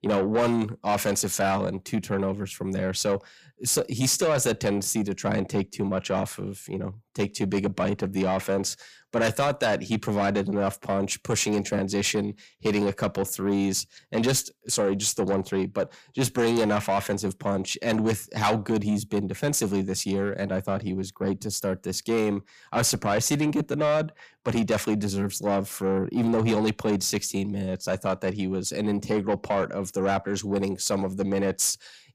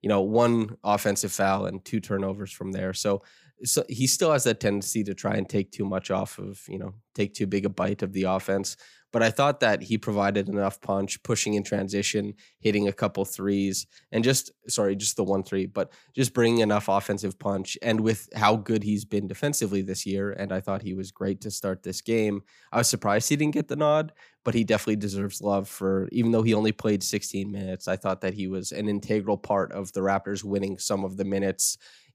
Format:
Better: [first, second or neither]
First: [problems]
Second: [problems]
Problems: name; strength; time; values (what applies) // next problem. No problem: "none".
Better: second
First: distortion; slight; 10 dB below the speech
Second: none